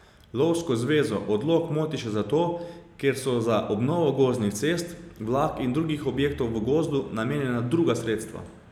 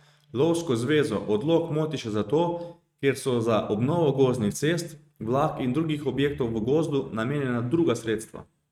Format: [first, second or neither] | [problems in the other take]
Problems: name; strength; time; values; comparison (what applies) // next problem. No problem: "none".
first | noise reduction (neural mask model RNNoise)